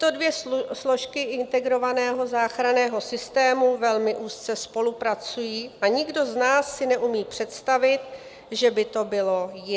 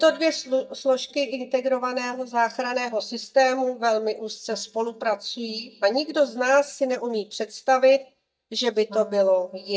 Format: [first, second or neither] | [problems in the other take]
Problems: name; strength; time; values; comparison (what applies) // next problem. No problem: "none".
first | noise reduction (neural mask model DeepFilterNet 3)